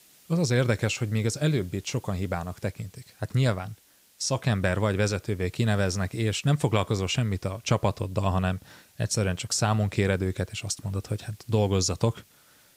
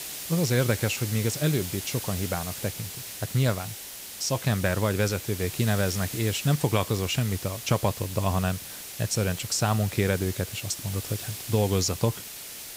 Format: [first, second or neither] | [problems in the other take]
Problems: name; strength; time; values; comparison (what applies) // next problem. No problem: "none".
first | hiss; loud; throughout; 8 dB below the speech; faint in the first